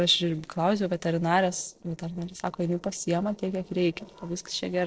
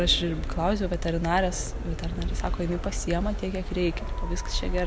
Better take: second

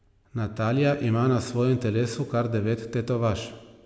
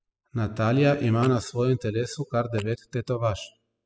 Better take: first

